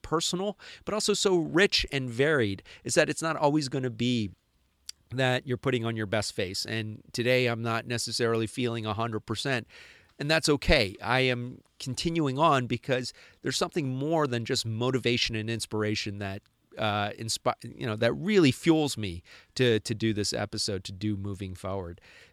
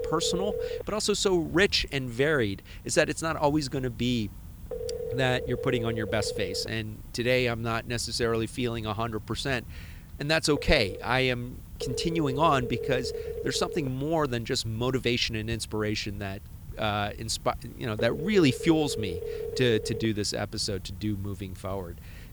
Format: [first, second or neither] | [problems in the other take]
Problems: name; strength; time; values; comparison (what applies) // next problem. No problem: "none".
first | alarms or sirens; noticeable; throughout; 10 dB below the speech